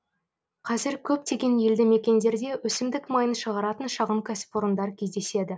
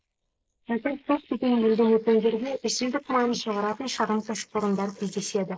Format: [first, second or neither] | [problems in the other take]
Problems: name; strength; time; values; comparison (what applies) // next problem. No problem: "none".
first | noise reduction (neural mask model Resemble Enhance denoiser)